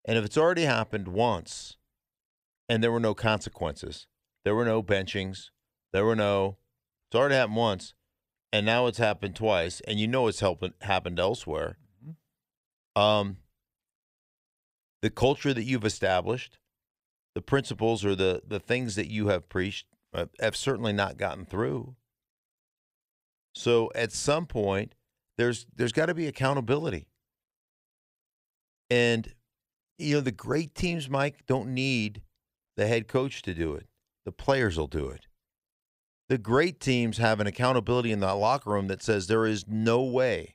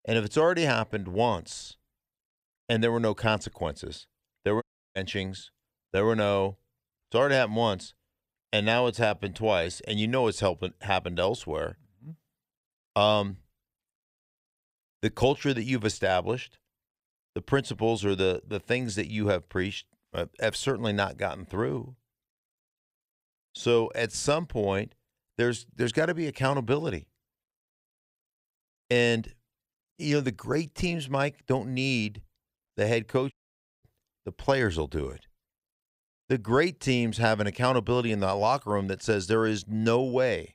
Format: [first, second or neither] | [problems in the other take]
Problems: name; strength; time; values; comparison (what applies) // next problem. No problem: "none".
first | audio cutting out; at 4.5 s and at 33 s for 0.5 s